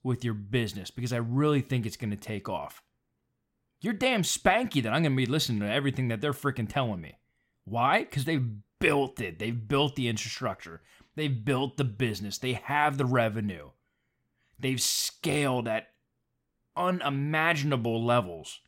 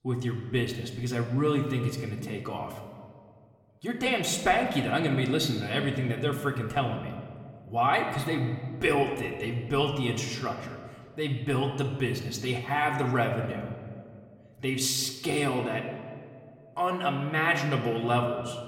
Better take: first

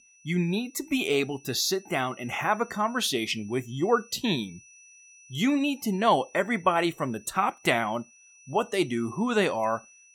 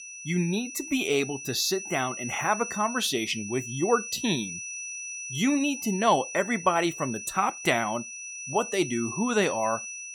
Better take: first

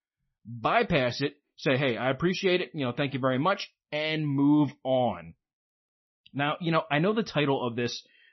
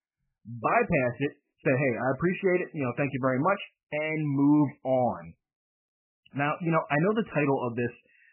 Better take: first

